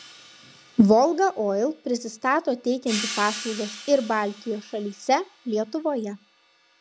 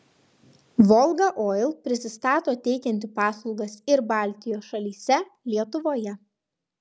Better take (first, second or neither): second